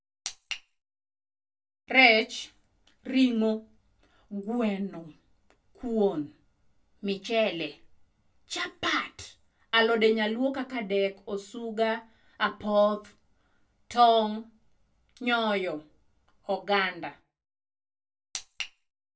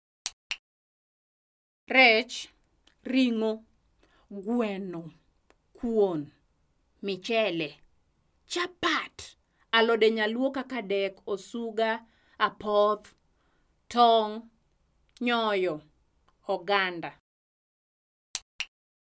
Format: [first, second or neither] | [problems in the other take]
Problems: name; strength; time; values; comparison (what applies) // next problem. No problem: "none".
second | room echo; dies away in 0.2 s